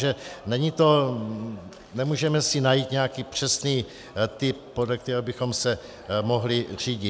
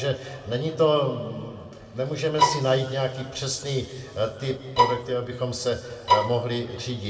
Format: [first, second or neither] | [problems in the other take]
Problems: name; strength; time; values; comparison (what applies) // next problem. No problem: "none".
first | background sound (Bowed string instrument); 3 dB above the speech // room echo; dies away in 1.8 s